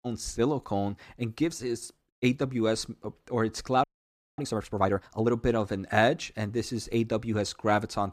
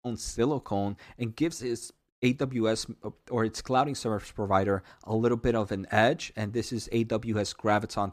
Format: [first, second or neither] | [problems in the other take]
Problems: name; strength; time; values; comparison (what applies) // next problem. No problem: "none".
second | audio freezing; at 4 s for 0.5 s